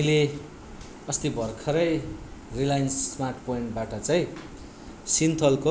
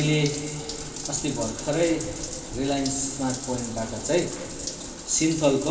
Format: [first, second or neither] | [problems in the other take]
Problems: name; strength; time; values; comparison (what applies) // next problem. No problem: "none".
first | background sound (Bathtub (filling or washing)); 10 dB below the speech // room echo; dies away in 2.5 s